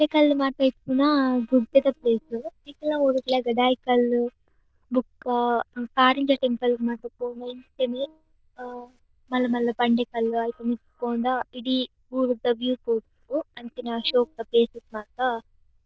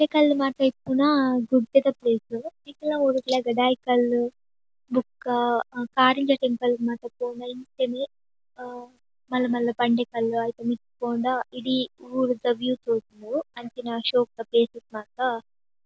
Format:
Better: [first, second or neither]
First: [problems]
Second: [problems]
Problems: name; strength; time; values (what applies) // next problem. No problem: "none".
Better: second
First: noise reduction (neural diffusion model UNIVERSE++)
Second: none